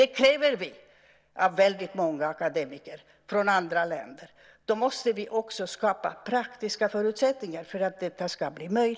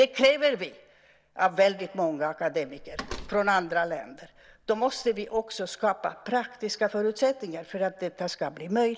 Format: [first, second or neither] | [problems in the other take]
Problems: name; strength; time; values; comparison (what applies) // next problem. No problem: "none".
first | background sound (Slam); 16 dB below the speech